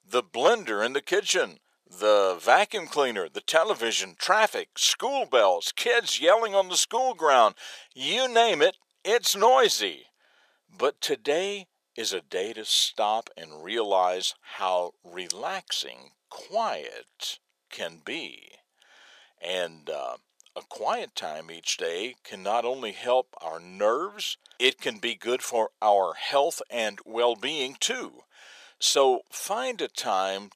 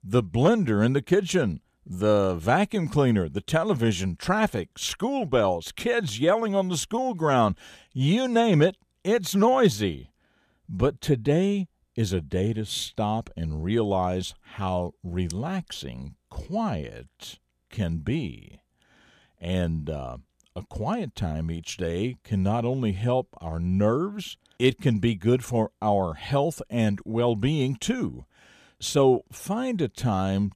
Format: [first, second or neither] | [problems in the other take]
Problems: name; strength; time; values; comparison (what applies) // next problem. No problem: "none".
second | thin; very; fading below 500 Hz